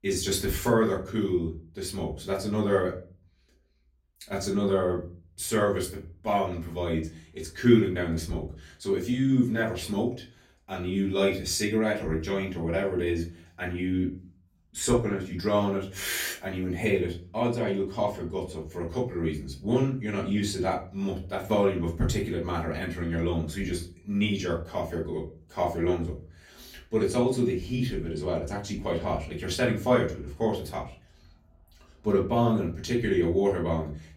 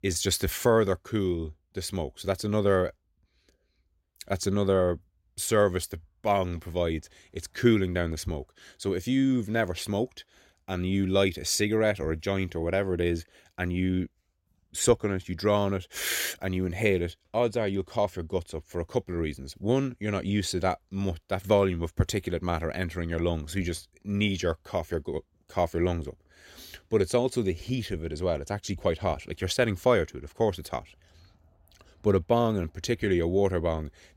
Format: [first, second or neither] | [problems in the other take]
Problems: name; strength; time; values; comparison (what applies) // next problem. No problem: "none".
second | room echo; slight; dies away in 0.3 s // off-mic speech; far